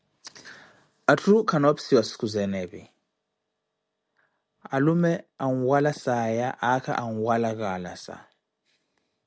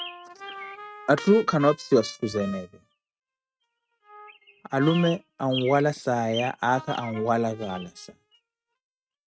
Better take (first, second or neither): first